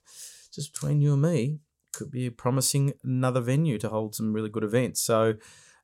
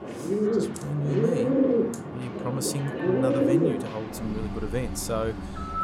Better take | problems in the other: first | animal sounds; very loud; throughout; 4 dB above the speech

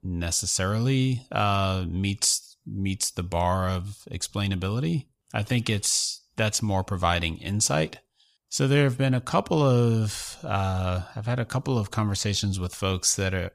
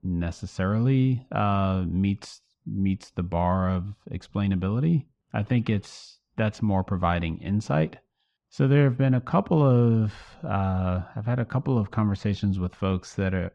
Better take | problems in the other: first | muffled; very; fading above 2 kHz

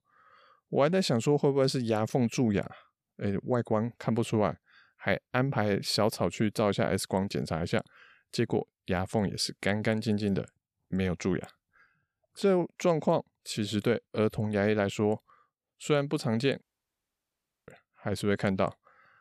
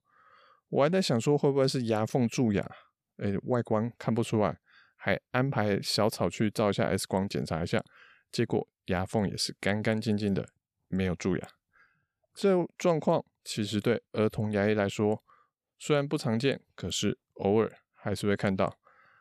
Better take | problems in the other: second | audio cutting out; at 17 s for 1 s

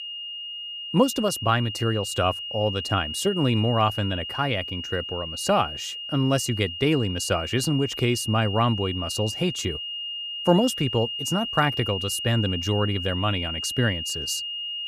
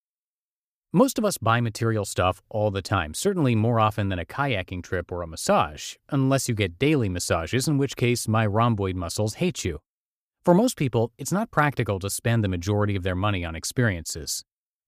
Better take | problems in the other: second | high-pitched whine; loud; throughout; 3 kHz, 5 dB below the speech

